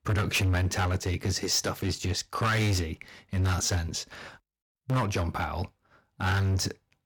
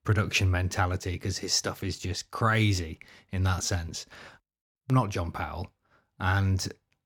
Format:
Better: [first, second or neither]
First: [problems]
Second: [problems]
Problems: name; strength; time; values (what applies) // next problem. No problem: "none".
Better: second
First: distortion; heavy; 13% of the sound clipped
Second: none